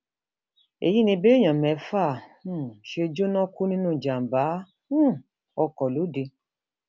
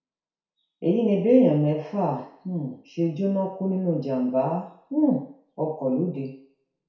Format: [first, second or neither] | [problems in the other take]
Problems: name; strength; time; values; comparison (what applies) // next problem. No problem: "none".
first | room echo; dies away in 0.6 s